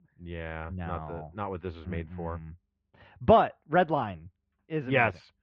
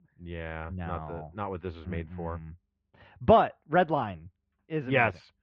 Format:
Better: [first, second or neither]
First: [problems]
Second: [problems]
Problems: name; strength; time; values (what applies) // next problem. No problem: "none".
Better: neither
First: muffled; very; fading above 2.5 kHz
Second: muffled; very; fading above 2.5 kHz